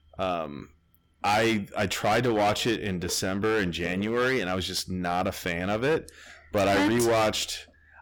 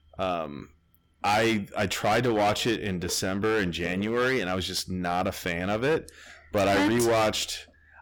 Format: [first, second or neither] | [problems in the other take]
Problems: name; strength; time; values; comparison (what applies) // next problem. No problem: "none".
neither | distortion; heavy; 12% of the sound clipped; the same in both